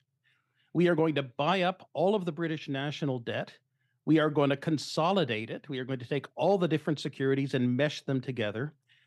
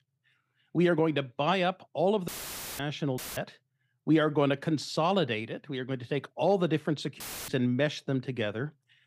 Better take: first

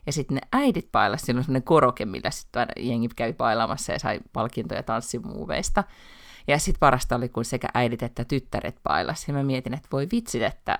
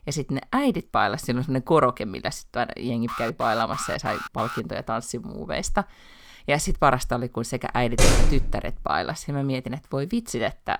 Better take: first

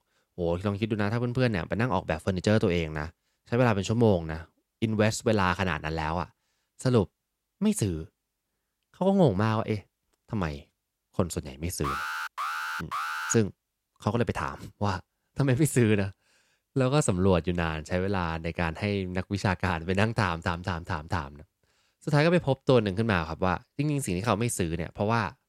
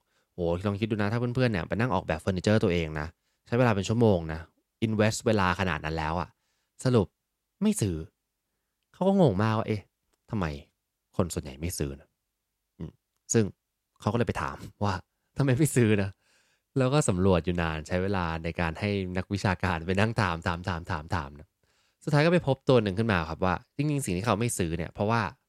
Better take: second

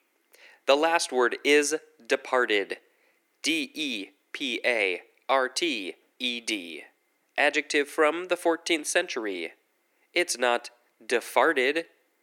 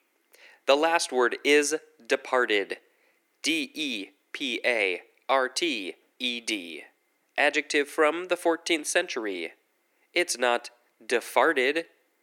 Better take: neither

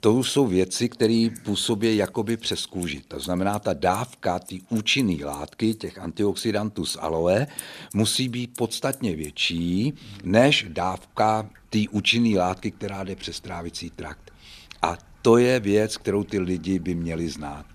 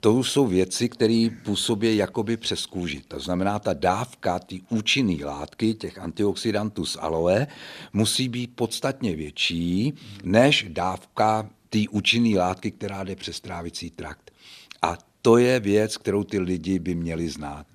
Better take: second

